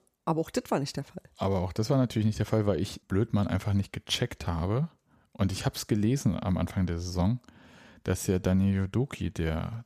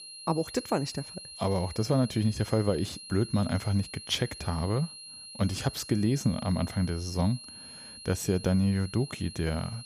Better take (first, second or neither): first